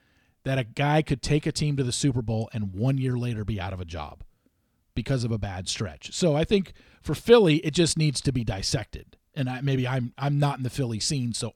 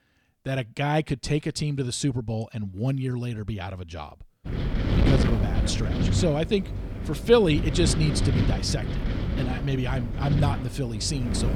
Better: first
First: none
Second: wind noise on the microphone; heavy; from 4.5 s on; 6 dB below the speech

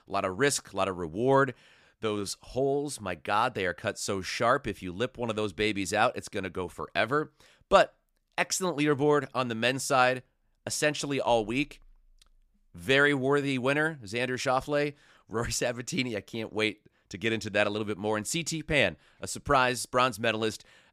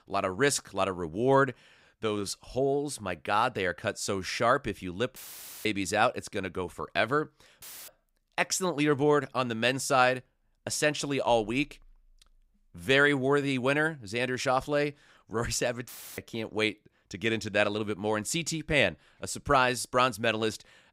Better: first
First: none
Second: audio cutting out; filled with static; at 5 s, at 7.5 s and at 16 s

